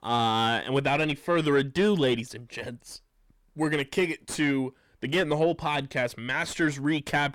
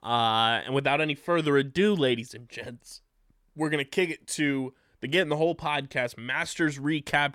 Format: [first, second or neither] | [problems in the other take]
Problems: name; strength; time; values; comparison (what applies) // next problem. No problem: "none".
second | distortion; slight; 10 dB below the speech